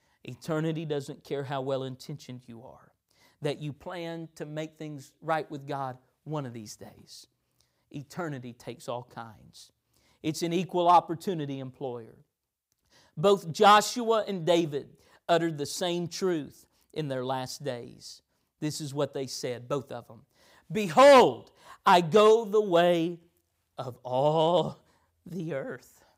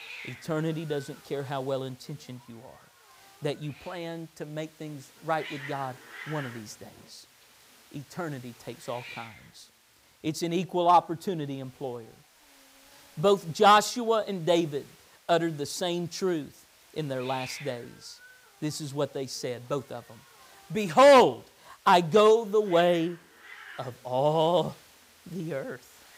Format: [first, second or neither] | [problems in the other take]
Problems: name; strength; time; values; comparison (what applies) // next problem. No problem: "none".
first | hiss; faint; throughout; 20 dB below the speech